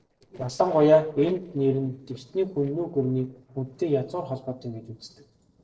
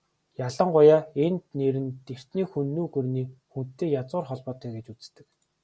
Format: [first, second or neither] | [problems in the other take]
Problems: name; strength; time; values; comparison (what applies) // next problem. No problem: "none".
second | noise reduction (neural separator model SepFormer DNS4)